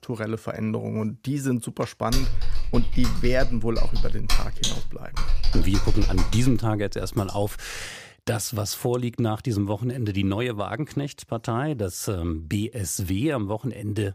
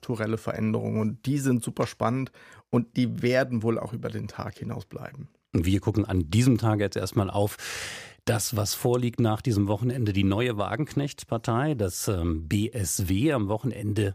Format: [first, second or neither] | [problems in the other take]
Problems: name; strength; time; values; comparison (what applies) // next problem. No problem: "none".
second | keyboard typing; loud; from 2 to 6.5 s; peak 1 dB above the speech